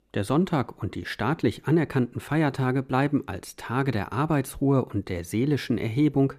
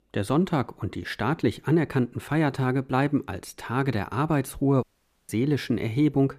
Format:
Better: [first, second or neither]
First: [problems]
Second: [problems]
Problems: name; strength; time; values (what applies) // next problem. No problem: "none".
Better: first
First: none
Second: audio cutting out; at 5 s